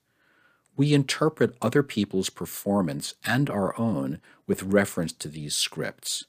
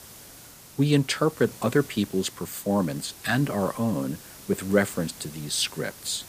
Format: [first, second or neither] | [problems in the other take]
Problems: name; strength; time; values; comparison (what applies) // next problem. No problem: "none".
first | hiss; noticeable; throughout; 15 dB below the speech